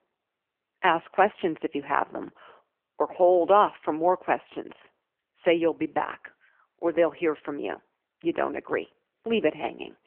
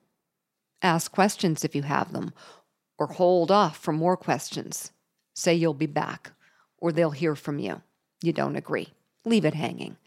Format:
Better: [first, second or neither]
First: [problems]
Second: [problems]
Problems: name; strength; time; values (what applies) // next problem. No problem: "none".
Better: second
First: phone-call audio; poor line; nothing above 3 kHz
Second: none